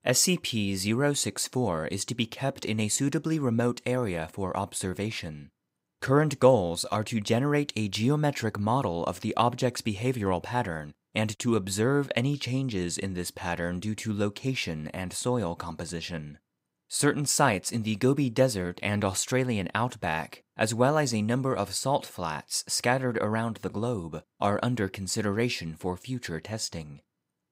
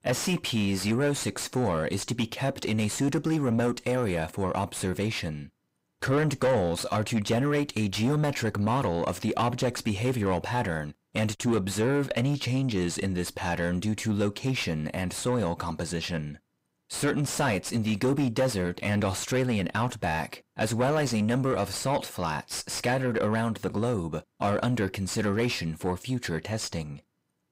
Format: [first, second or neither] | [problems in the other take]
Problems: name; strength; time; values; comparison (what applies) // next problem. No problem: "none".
first | distortion; heavy; 7 dB below the speech